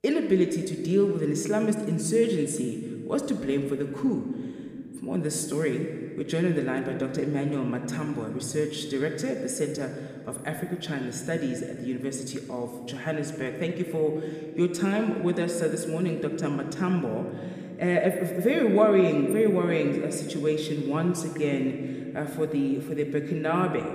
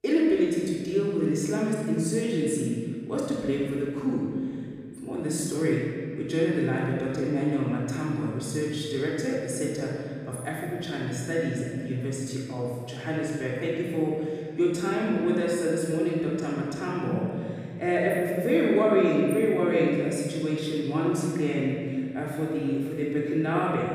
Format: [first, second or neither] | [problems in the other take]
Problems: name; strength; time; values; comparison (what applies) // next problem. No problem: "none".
first | room echo; strong; dies away in 2.2 s; slight in the first // off-mic speech; far